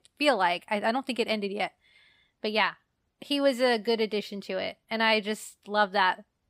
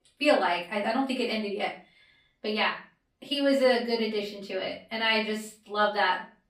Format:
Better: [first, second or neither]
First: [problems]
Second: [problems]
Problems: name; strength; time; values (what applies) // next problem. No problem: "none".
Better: first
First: none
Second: room echo; slight; dies away in 0.3 s // off-mic speech; far